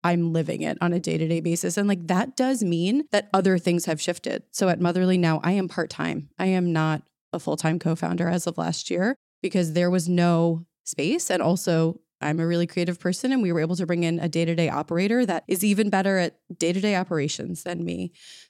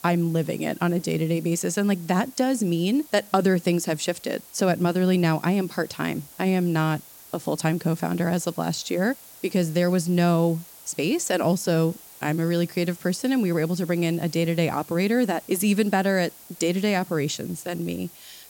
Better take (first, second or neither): first